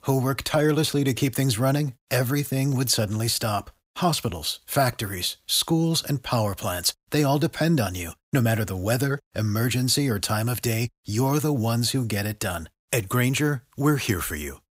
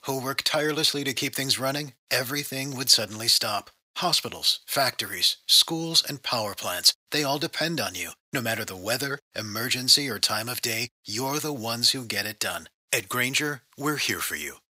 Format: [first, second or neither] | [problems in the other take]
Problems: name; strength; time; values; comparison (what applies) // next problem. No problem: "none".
first | thin; somewhat; fading below 1 kHz